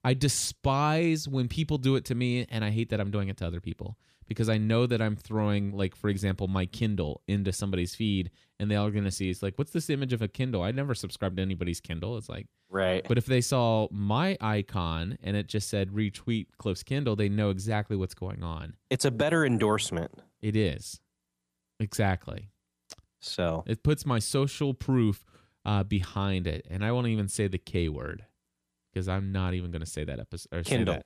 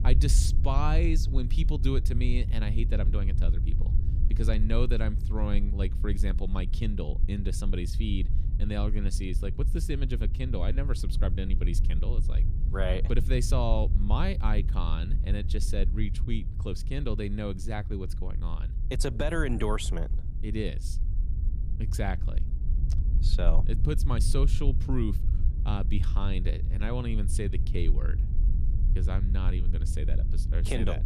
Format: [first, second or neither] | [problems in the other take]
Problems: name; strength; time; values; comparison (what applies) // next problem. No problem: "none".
first | low rumble; noticeable; throughout; 10 dB below the speech